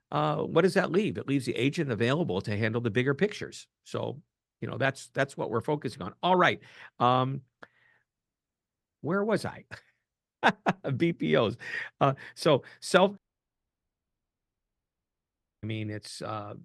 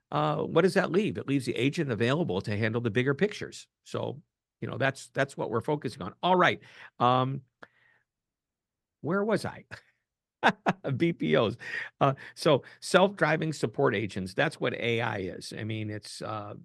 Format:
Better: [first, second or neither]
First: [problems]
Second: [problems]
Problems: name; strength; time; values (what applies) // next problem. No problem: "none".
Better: second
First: audio cutting out; at 13 s for 2.5 s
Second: none